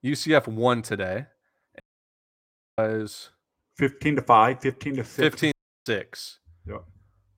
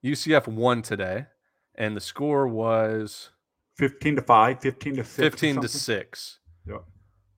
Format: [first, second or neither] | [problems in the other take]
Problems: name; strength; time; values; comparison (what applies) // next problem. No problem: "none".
second | audio cutting out; at 2 s for 1 s and at 5.5 s